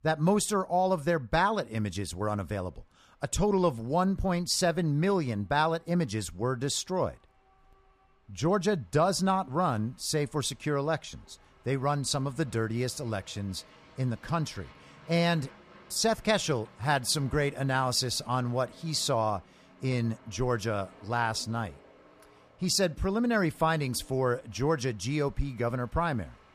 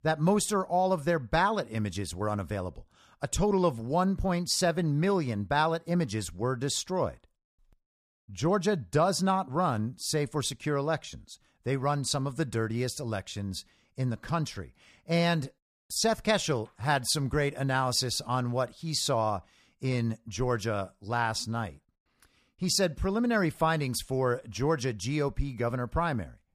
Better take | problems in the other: second | train or aircraft noise; faint; throughout; 25 dB below the speech

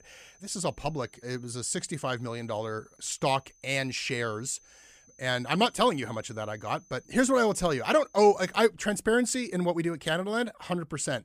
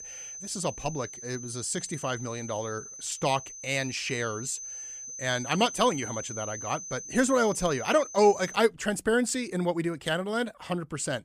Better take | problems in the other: first | high-pitched whine; loud; until 8.5 s; 6 kHz, 10 dB below the speech; faint in the first

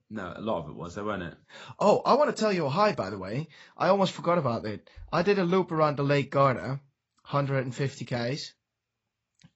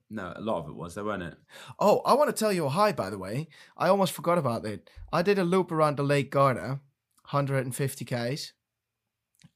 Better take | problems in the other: second | garbled, watery; badly; nothing above 8 kHz

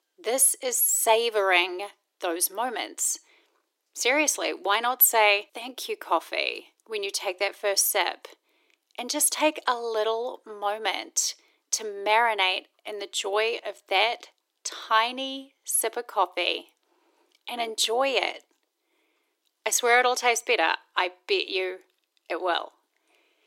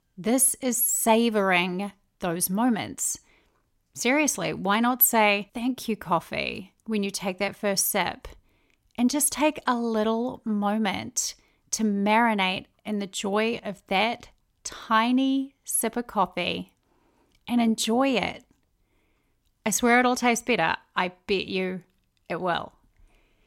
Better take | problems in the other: second | thin; very; fading below 300 Hz

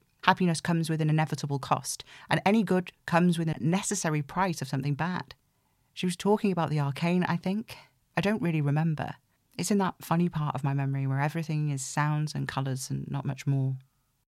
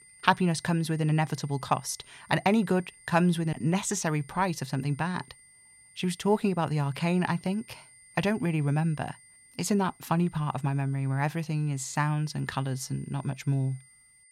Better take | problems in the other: first | high-pitched whine; faint; throughout; 9 kHz, 25 dB below the speech

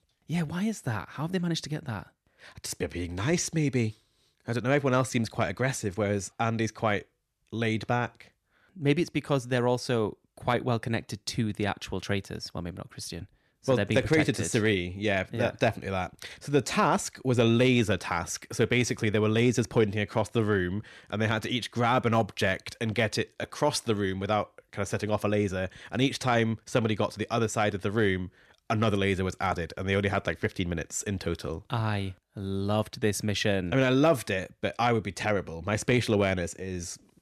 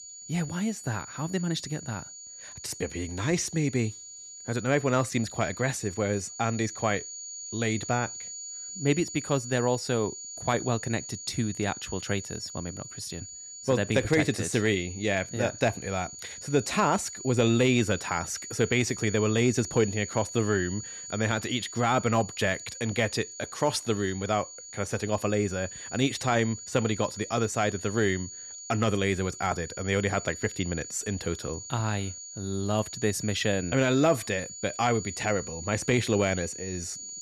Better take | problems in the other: first | high-pitched whine; noticeable; throughout; 7 kHz, 10 dB below the speech

